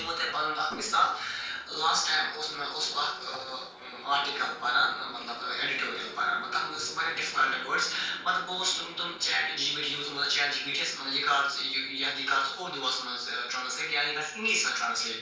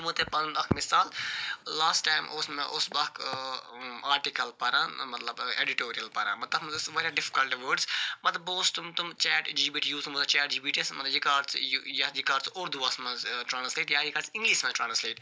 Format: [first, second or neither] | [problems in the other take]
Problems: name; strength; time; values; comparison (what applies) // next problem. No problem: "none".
second | noise reduction (neural separator model SepFormer DNS4)